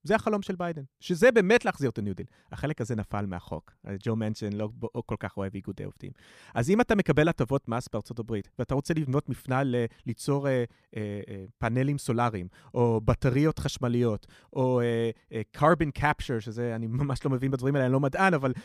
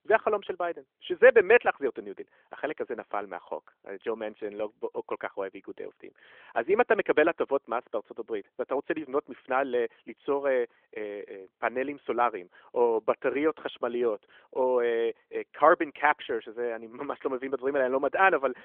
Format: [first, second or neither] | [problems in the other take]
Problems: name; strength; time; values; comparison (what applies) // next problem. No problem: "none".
first | phone-call audio; nothing above 3.5 kHz